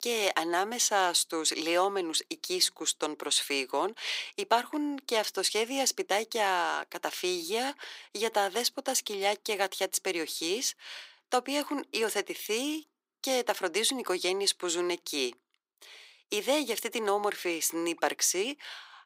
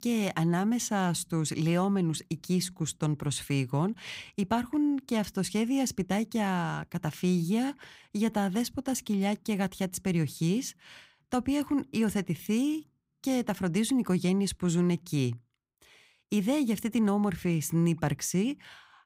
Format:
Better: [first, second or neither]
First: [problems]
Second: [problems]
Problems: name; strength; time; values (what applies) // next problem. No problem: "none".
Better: second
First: thin; very; fading below 350 Hz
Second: none